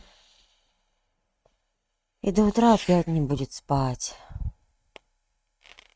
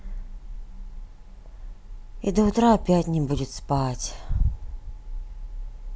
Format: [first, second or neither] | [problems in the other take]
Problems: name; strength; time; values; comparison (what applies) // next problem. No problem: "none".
second | noise reduction (neural mask model RNNoise)